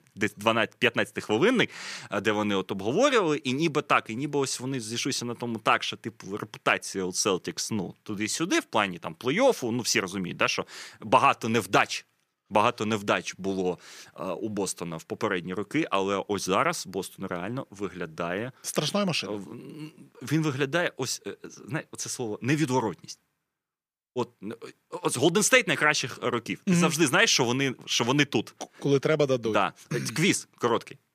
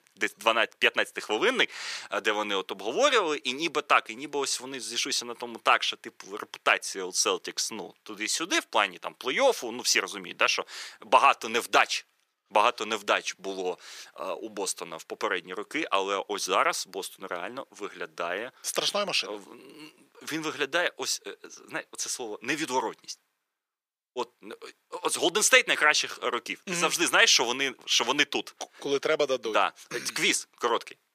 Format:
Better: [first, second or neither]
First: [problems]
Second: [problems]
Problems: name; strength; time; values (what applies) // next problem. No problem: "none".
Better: first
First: none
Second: thin; somewhat; fading below 500 Hz